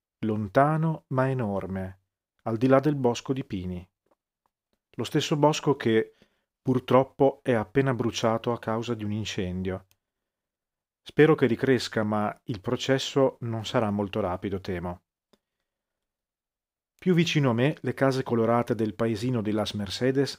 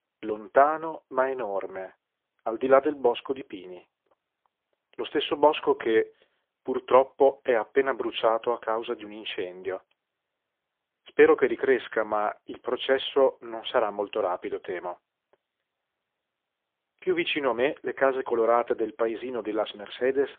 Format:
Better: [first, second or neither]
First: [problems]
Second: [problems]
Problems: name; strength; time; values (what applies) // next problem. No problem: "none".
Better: first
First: none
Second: phone-call audio; poor line; nothing above 3.5 kHz